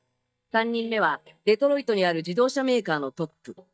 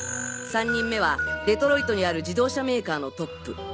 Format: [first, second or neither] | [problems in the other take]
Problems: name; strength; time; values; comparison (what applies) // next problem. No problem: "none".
second | noise reduction (neural mask model DeepFilterNet 3)